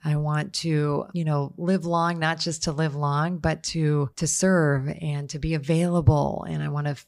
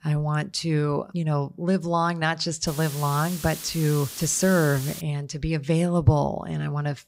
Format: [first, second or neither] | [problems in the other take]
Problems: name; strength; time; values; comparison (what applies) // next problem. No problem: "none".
first | hiss; noticeable; from 2.5 to 5 s; 10 dB below the speech